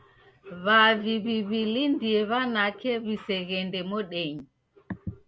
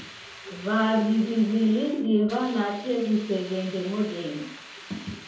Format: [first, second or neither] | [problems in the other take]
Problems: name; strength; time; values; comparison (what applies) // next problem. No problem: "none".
first | background sound (Hiss); 18 dB below the speech // room echo; dies away in 2.7 s